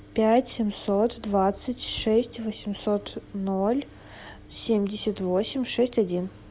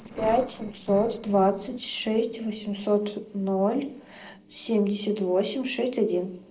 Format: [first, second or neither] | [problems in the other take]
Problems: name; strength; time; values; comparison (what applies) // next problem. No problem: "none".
first | noise reduction (neural separator model SepFormer DNS4)